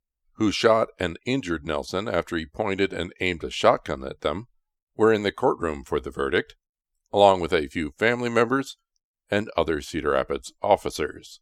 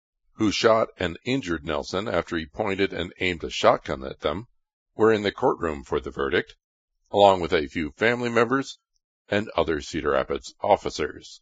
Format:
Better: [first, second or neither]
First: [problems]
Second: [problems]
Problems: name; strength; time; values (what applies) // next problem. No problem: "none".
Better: first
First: none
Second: garbled, watery; badly; nothing above 7.5 kHz